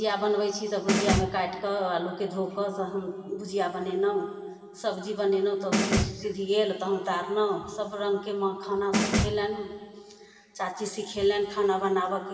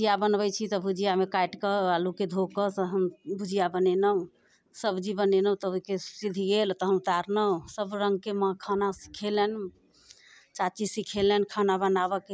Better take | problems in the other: second | background sound (Snare drum); as loud as the speech // room echo; dies away in 2.5 s

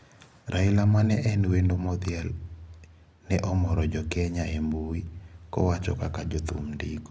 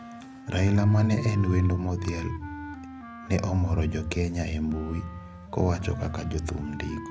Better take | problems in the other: first | background sound (Wind instrument, woodwind instrument); 14 dB below the speech

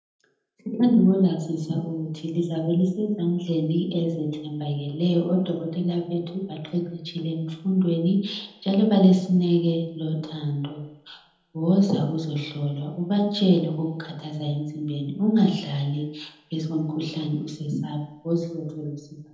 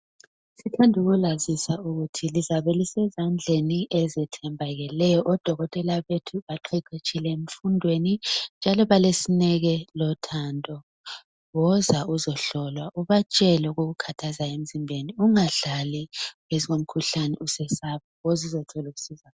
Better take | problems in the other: second | room echo; dies away in 0.8 s

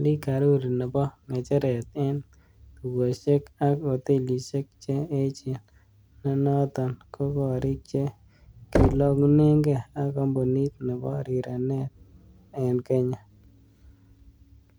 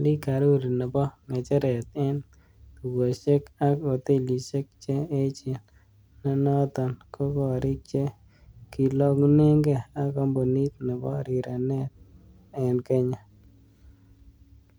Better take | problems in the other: second | background sound (Knock); 4 dB below the speech

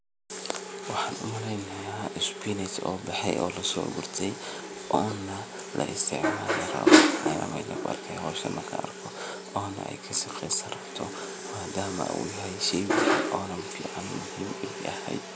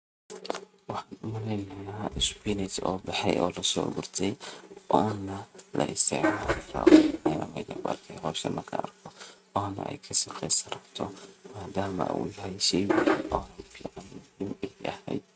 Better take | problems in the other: first | noise reduction (neural mask model RNNoise)

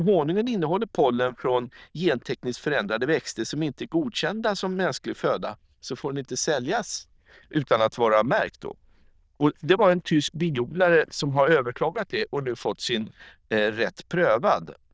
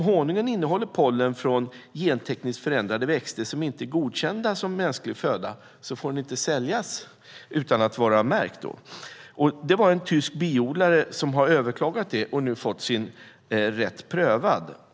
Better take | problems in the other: second | noise reduction (neural diffusion model UNIVERSE++)

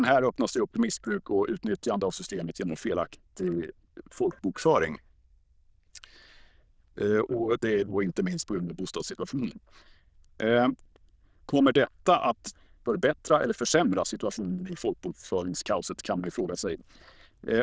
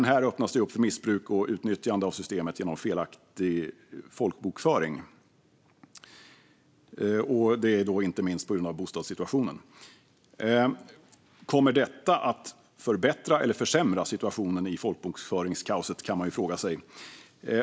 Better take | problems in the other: second | noise reduction (neural diffusion model UNIVERSE++)

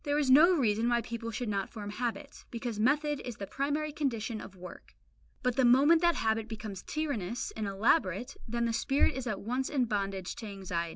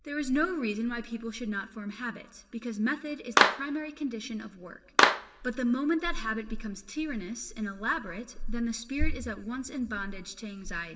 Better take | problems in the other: first | background sound (Clapping); 5 dB above the speech // room echo; dies away in 2.1 s

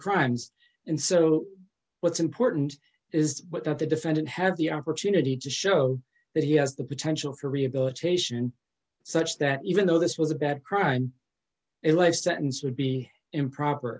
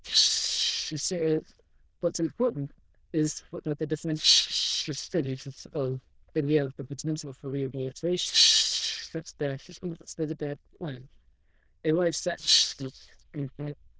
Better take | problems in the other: first | noise reduction (neural diffusion model UNIVERSE++)

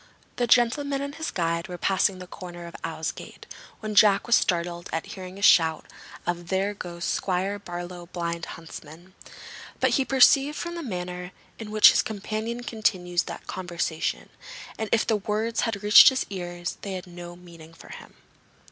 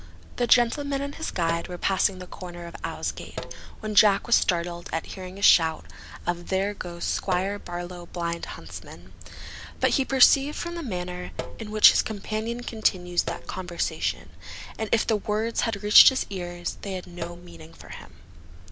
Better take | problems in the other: first | background sound (Sink (filling or washing)); 10 dB below the speech

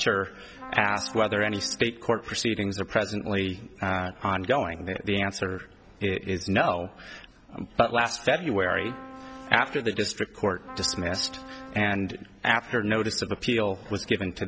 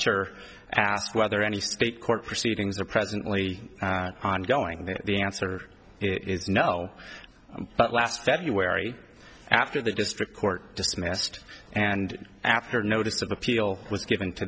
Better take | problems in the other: second | background sound (Trumpet); 16 dB below the speech

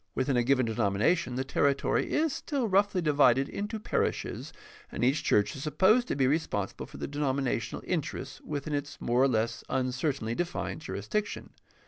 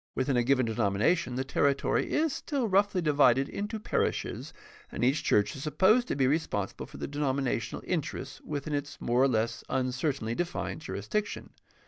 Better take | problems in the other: first | noise reduction (neural mask model DeepFilterNet 3)

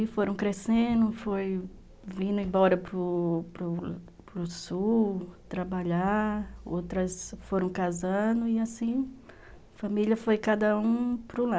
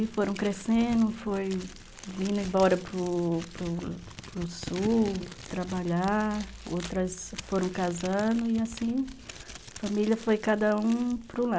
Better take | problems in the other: first | background sound (Crumpling, crinkling); 16 dB below the speech

